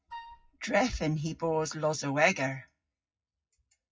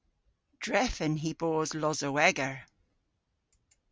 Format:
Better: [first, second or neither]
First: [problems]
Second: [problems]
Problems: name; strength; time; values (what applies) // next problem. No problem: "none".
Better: second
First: noise reduction (classical method WPE with log-MMSE)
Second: none